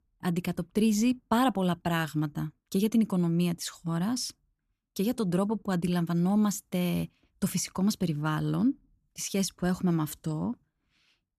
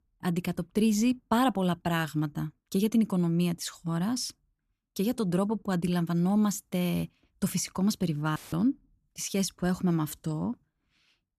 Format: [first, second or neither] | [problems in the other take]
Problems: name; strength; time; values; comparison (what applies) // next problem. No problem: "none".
first | audio cutting out; filled with static; at 8.5 s